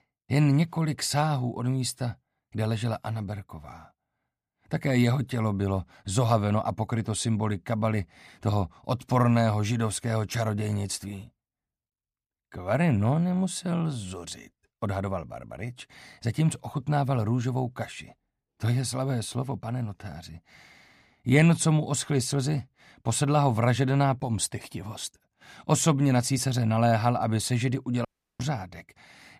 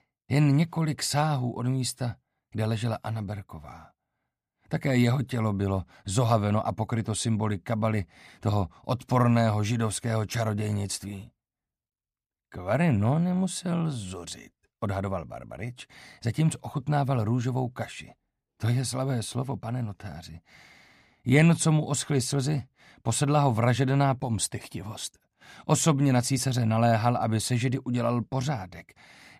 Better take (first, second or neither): second